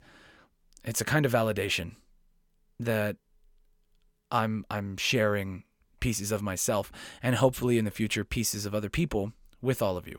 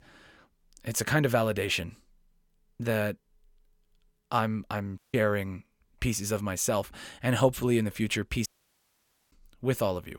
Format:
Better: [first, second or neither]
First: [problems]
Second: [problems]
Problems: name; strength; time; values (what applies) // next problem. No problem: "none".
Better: first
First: none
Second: audio cutting out; at 5 s and at 8.5 s for 1 s